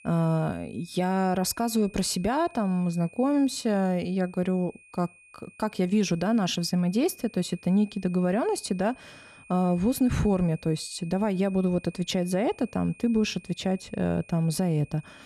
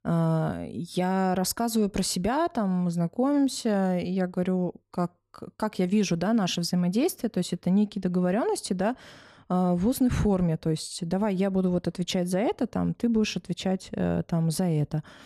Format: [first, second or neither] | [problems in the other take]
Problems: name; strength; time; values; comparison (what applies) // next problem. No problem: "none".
second | high-pitched whine; faint; throughout; 2.5 kHz, 25 dB below the speech